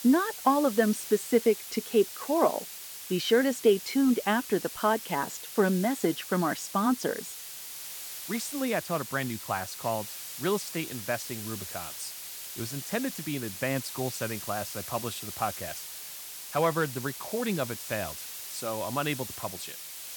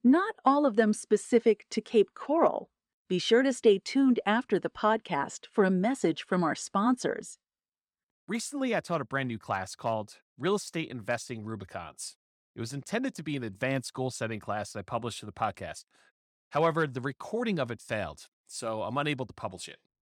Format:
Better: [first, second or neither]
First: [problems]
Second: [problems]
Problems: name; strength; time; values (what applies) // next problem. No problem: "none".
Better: second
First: hiss; loud; throughout; 9 dB below the speech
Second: none